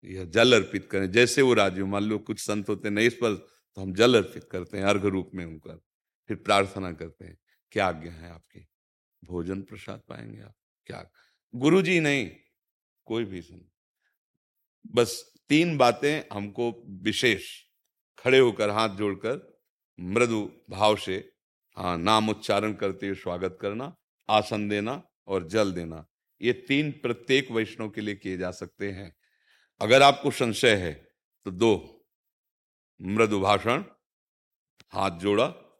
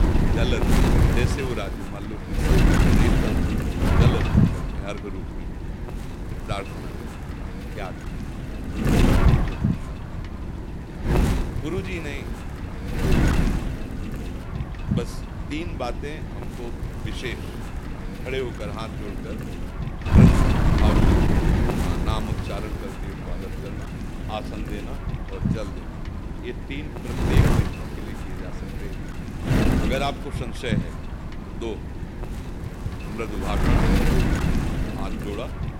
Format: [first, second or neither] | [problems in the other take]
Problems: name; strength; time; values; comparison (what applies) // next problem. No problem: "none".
first | wind noise on the microphone; heavy; 3 dB above the speech